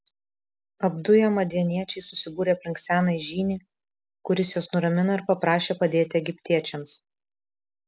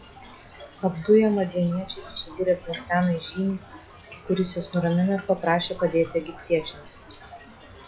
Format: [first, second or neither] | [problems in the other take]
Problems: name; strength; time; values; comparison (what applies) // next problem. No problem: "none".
first | noise reduction (classical method log-MMSE)